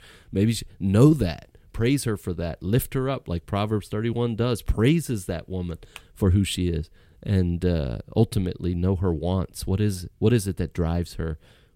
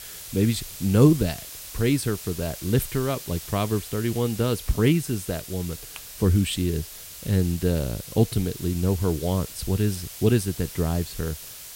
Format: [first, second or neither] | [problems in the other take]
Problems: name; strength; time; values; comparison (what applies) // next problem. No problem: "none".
first | hiss; noticeable; throughout; 10 dB below the speech